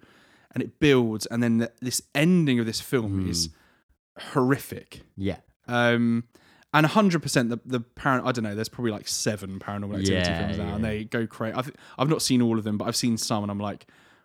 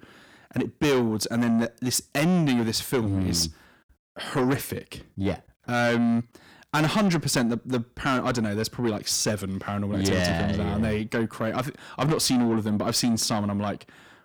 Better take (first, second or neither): first